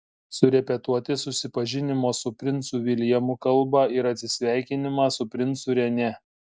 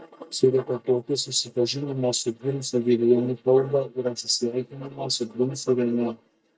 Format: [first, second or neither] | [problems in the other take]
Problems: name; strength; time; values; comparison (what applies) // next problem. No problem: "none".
first | noise reduction (neural mask model DeepFilterNet 3)